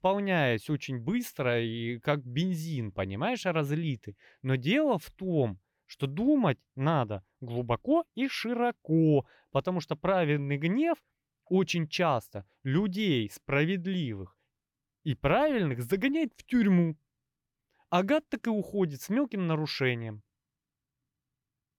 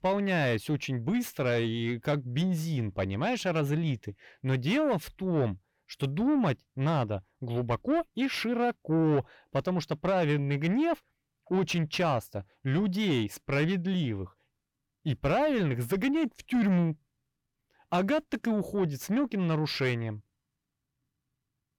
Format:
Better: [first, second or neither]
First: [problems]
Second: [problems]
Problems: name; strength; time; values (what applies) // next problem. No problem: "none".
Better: first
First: none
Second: distortion; slight; 10 dB below the speech